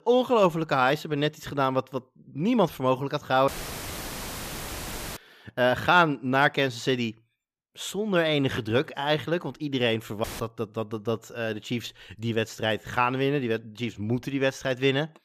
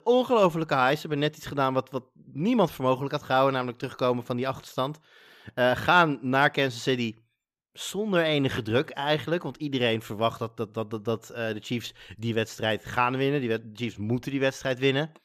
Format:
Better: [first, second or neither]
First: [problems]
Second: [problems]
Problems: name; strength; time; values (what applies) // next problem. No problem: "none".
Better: second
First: audio cutting out; filled with static; at 3.5 s for 1.5 s and at 10 s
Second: none